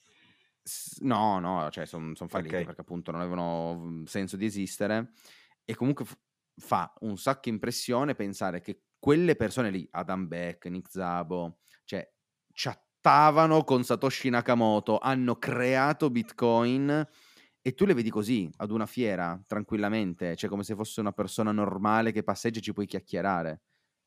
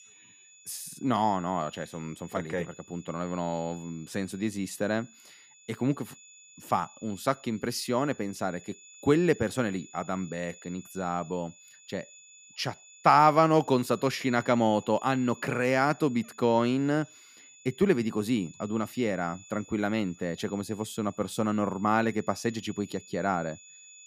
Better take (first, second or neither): first